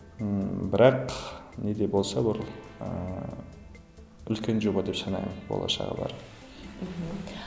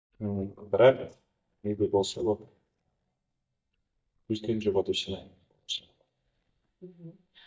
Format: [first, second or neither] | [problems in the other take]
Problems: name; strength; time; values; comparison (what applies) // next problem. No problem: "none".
first | noise reduction (neural mask model DeepFilterNet 3)